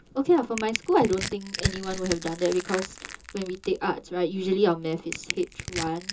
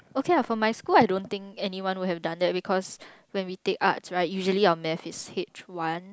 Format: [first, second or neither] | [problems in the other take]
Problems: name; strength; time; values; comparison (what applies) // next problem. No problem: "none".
second | background sound (Crushing); 9 dB below the speech // room echo; dies away in 0.2 s